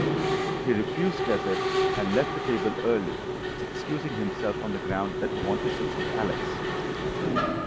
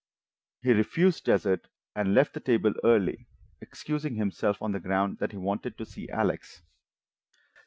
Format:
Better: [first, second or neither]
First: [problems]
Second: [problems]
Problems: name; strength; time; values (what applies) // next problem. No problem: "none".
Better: second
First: background sound (Mechanisms); 2 dB above the speech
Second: none